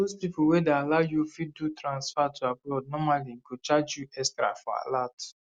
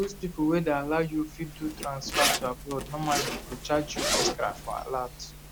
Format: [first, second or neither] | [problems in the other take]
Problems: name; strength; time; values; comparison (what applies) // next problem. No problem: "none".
first | background sound (Zipper (clothing)); 3 dB below the speech